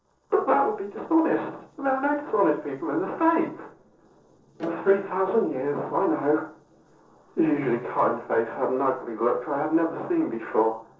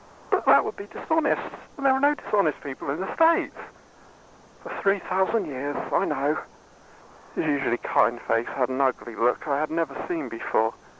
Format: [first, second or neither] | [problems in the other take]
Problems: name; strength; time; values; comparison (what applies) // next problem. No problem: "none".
second | noise reduction (neural separator model SepFormer DNS4)